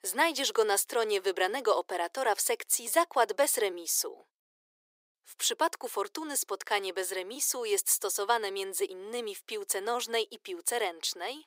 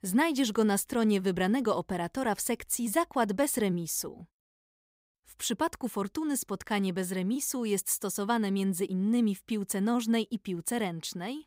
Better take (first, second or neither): second